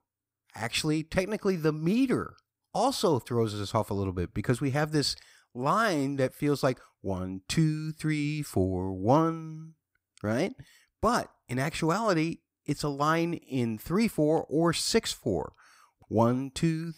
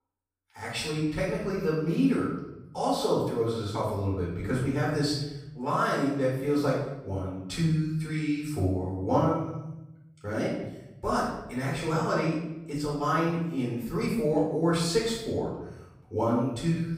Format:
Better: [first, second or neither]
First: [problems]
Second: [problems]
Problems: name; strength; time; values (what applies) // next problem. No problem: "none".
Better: first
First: none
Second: room echo; noticeable; dies away in 0.9 s // off-mic speech; far